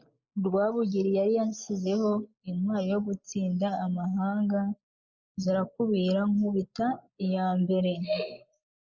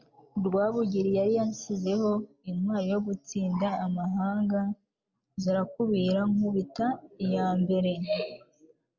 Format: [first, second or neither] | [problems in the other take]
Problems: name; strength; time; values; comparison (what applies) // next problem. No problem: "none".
second | noise reduction (neural mask model Resemble Enhance denoiser)